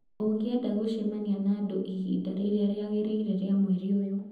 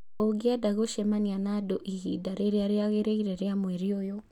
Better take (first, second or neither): second